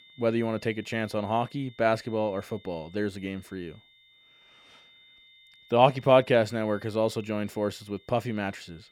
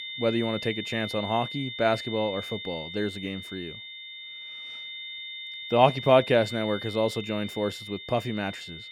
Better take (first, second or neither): first